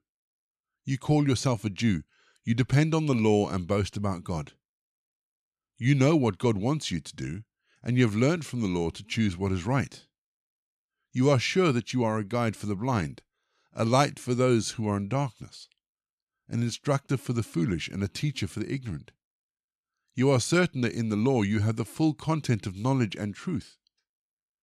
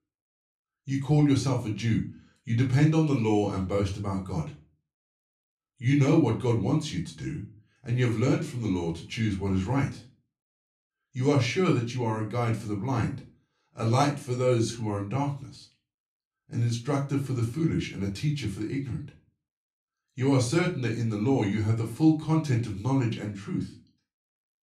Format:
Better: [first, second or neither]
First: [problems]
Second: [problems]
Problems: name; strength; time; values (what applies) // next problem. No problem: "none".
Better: first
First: none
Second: off-mic speech; far // room echo; very slight; dies away in 0.3 s